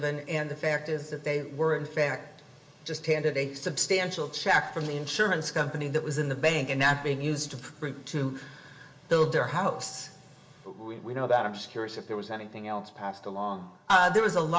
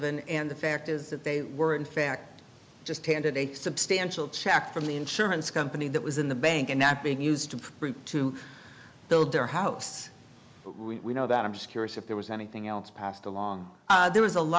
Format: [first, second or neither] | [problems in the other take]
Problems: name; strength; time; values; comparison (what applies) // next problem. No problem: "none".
second | room echo; dies away in 0.7 s